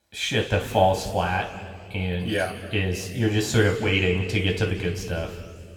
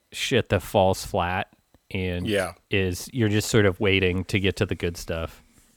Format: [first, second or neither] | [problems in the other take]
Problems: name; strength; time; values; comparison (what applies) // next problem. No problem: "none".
second | room echo; noticeable; dies away in 1.9 s // off-mic speech; somewhat distant